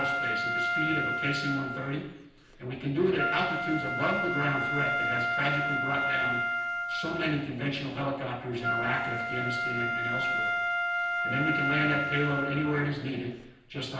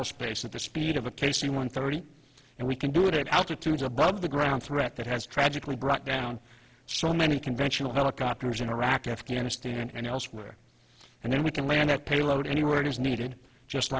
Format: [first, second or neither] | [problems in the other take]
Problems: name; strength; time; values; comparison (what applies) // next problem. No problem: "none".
second | background sound (Wind instrument, woodwind instrument); 1 dB above the speech // room echo; dies away in 0.9 s